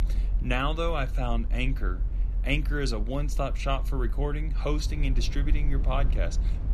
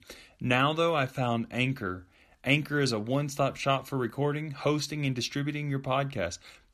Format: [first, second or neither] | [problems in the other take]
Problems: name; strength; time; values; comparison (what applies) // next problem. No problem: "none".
second | low rumble; noticeable; throughout; 15 dB below the speech